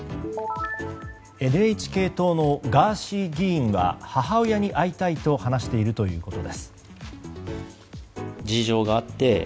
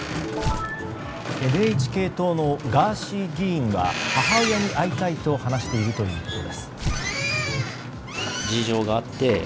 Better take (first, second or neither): first